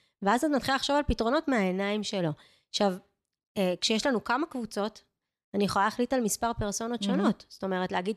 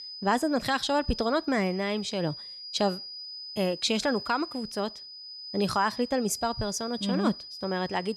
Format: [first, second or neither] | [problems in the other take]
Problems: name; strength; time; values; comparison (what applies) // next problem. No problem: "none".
first | high-pitched whine; noticeable; throughout; 5 kHz, 10 dB below the speech